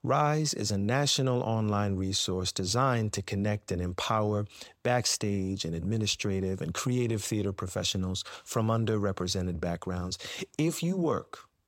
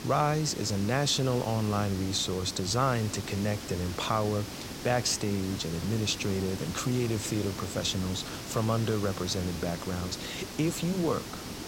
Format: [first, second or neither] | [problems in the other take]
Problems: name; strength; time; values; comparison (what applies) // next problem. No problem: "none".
first | hiss; loud; throughout; 9 dB below the speech